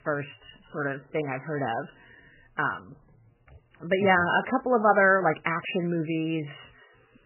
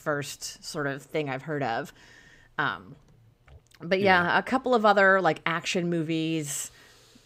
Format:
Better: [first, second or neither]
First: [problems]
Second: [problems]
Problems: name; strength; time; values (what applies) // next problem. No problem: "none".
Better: second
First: garbled, watery; badly; nothing above 3 kHz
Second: none